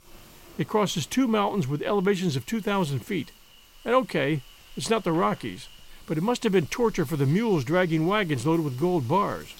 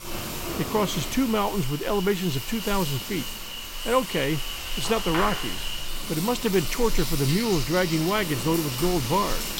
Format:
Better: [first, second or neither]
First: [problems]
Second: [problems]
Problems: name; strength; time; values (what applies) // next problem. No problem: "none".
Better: first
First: animal sounds; faint; throughout; 25 dB below the speech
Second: animal sounds; loud; throughout; 5 dB below the speech